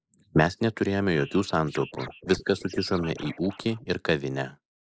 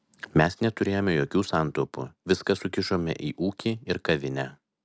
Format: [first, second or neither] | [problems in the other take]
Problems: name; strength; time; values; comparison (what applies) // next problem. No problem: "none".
second | noise reduction (neural mask model Resemble Enhance denoiser)